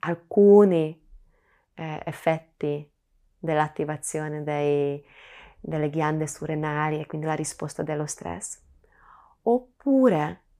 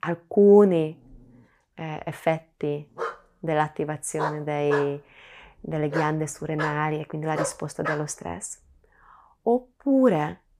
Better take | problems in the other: first | dog barking; noticeable; from 3 to 8 s; peak 7 dB below the speech

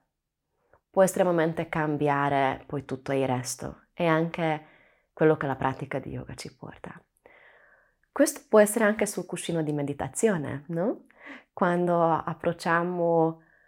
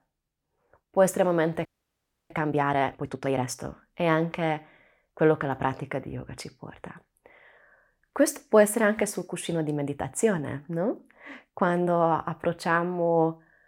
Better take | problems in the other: first | audio freezing; at 1.5 s for 0.5 s

